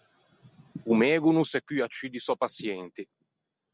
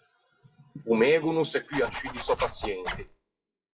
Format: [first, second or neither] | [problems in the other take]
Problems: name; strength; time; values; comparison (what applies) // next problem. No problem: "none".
first | noise reduction (classical method WPE with log-MMSE)